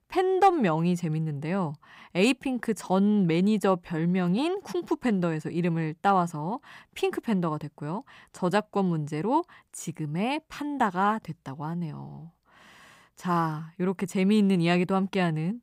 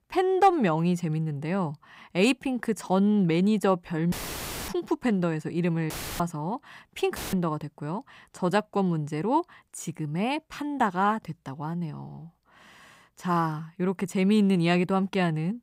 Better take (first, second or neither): first